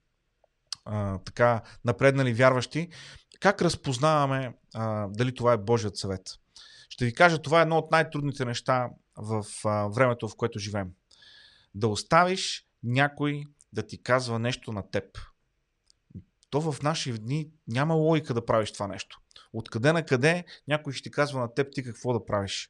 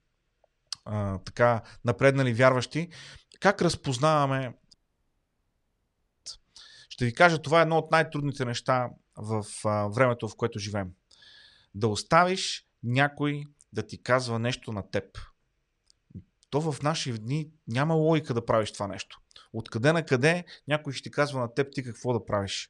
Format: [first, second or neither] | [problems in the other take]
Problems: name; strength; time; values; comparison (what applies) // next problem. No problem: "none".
first | audio cutting out; at 4.5 s for 1.5 s